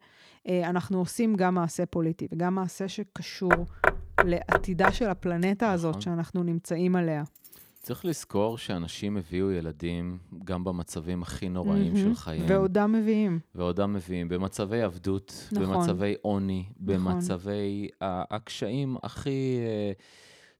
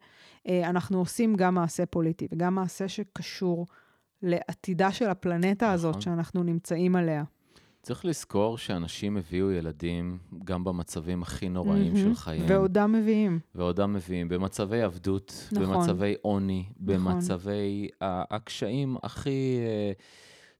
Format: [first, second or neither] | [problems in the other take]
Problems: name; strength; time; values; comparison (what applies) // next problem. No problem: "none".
second | door banging; loud; from 3.5 to 5 s; peak 5 dB above the speech // jangling keys; faint; from 7.5 to 8.5 s; peak 20 dB below the speech